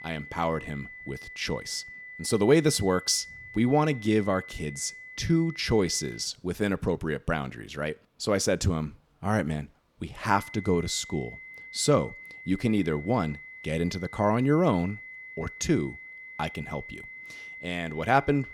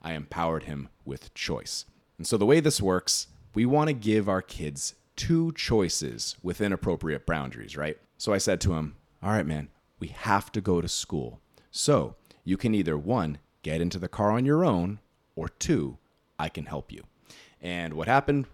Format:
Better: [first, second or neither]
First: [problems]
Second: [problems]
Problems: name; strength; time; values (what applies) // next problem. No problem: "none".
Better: second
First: high-pitched whine; noticeable; until 6 s and from 10 s on; 2 kHz, 15 dB below the speech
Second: none